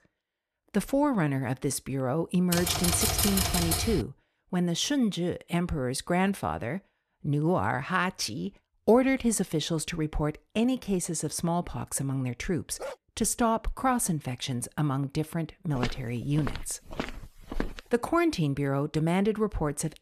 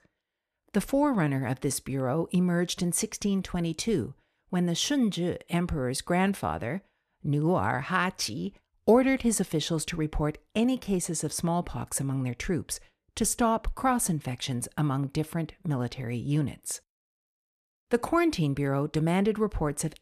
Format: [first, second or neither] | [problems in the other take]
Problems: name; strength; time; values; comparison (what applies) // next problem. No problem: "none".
second | keyboard typing; loud; from 2.5 to 4 s; peak 4 dB above the speech // dog barking; faint; at 13 s; peak 10 dB below the speech // footsteps; noticeable; from 16 to 18 s; peak 8 dB below the speech